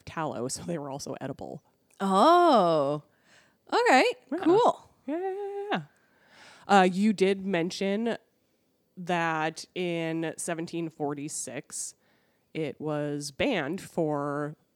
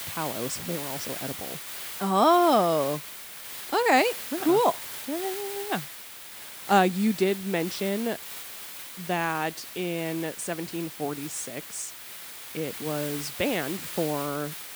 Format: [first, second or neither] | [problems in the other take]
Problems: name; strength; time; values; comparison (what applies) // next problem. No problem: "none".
first | hiss; loud; throughout; 9 dB below the speech